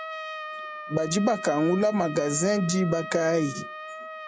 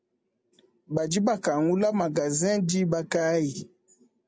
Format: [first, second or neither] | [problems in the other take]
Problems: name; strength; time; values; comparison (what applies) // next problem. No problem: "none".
second | background sound (Trumpet); 11 dB below the speech